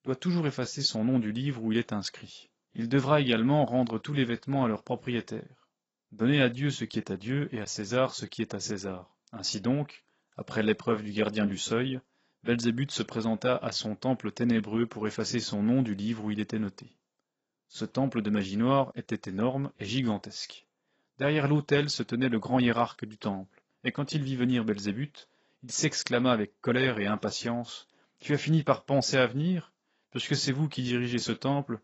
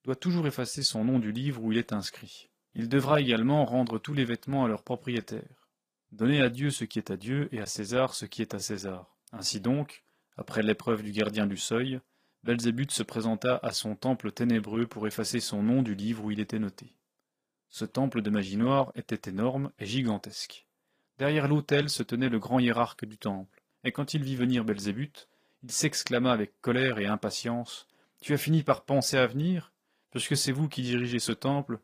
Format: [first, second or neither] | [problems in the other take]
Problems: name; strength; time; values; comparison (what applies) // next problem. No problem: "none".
second | garbled, watery; badly; nothing above 7.5 kHz; slightly in the second